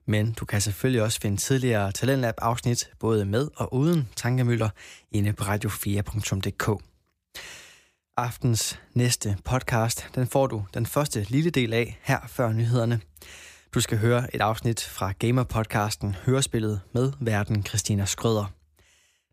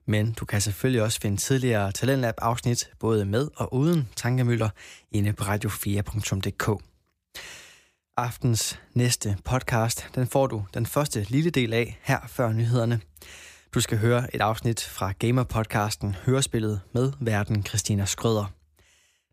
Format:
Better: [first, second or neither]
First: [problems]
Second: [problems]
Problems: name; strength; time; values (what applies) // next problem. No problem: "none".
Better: neither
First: none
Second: none